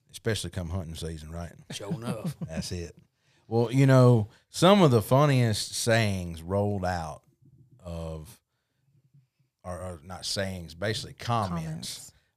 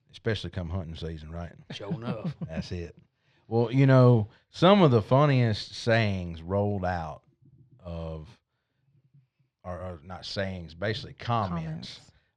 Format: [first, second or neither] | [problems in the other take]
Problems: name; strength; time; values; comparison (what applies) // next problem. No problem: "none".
first | muffled; very slightly; fading above 4 kHz